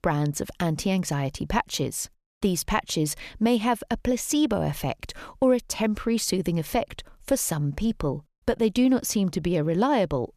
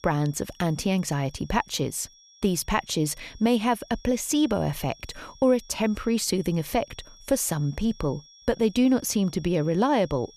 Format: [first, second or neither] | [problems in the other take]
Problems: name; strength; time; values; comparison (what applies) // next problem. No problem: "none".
first | high-pitched whine; faint; throughout; 5.5 kHz, 25 dB below the speech